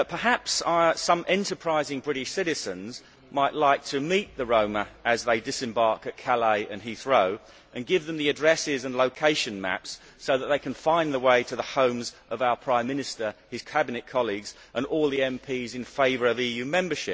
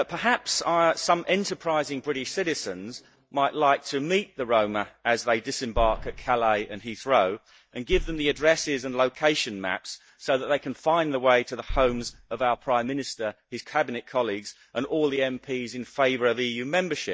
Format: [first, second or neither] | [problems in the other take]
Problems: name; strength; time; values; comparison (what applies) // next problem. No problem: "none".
first | noise reduction (neural mask model DeepFilterNet 3)